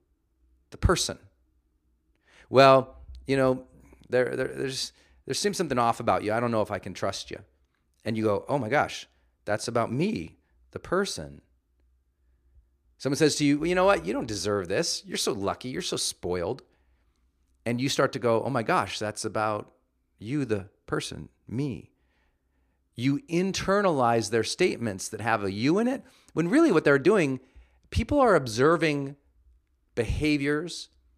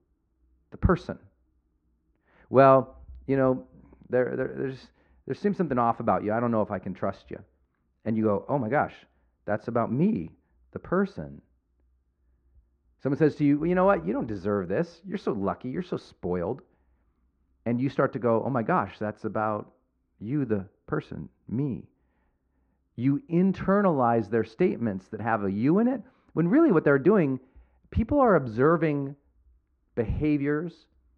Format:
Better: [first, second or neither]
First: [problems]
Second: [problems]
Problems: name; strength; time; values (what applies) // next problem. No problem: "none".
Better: first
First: none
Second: muffled; very; fading above 1.5 kHz